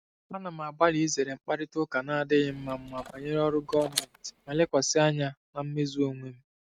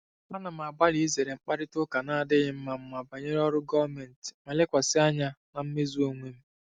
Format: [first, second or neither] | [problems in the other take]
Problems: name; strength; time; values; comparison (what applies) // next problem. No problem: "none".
second | noise reduction (neural mask model RNNoise)